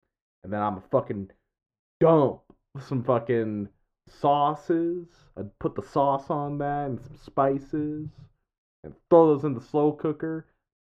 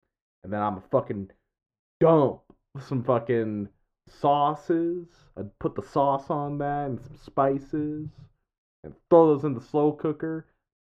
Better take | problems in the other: neither | muffled; very; fading above 3 kHz; the same in both

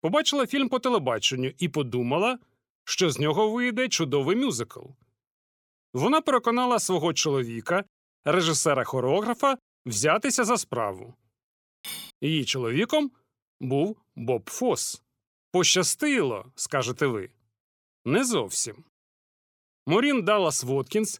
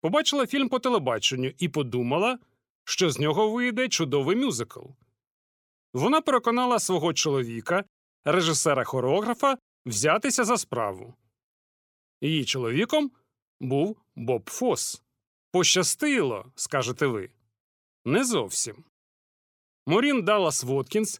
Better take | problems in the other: second | clattering dishes; faint; at 12 s; peak 10 dB below the speech

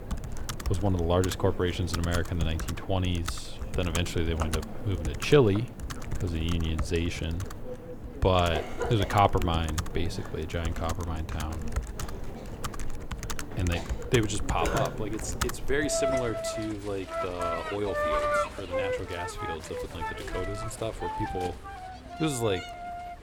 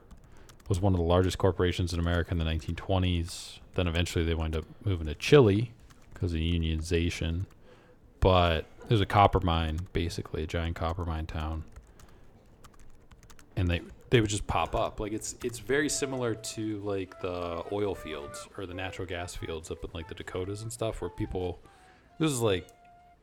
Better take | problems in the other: second | household noises; loud; throughout; 5 dB below the speech; faint in the second

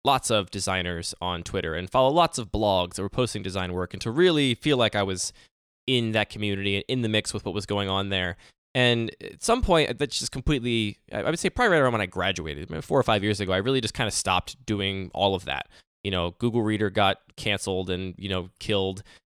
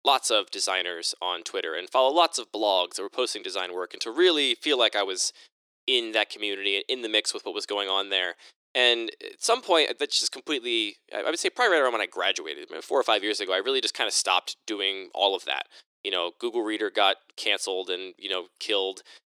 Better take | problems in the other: first | thin; very; fading below 350 Hz

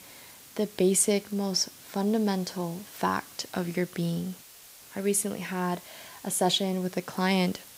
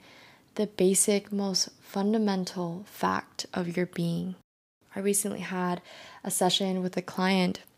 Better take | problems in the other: second | hiss; noticeable; throughout; 20 dB below the speech

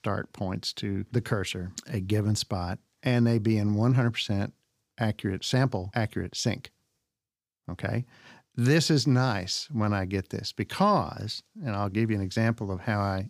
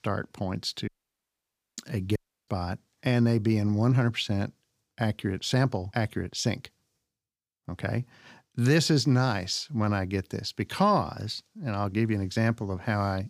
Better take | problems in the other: first | audio cutting out; at 1 s for 1 s and at 2 s

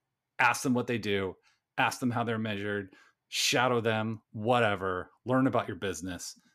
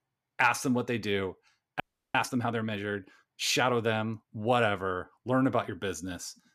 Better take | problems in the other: first | audio freezing; at 2 s

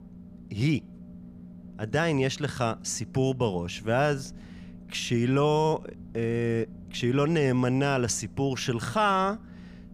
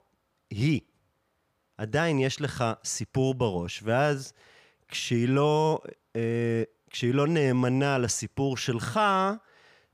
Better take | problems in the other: second | low rumble; faint; throughout; 25 dB below the speech

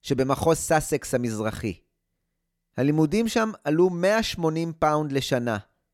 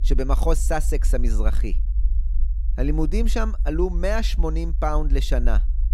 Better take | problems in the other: first | low rumble; noticeable; throughout; 20 dB below the speech

